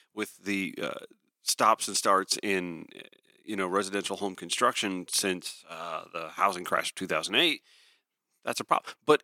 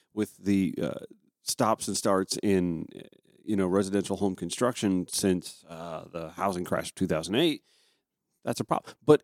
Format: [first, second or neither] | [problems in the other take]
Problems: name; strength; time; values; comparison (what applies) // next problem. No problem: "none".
second | thin; somewhat; fading below 700 Hz